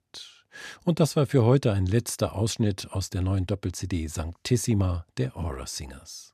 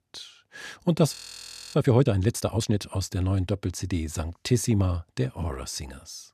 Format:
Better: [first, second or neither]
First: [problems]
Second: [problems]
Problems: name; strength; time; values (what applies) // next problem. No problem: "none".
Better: first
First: none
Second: audio freezing; at 1 s for 0.5 s